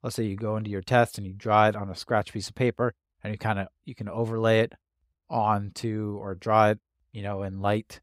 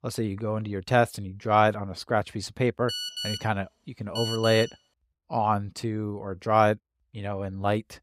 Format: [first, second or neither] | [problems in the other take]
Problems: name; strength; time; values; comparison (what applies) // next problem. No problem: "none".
first | phone ringing; noticeable; from 3 to 4.5 s; peak 3 dB below the speech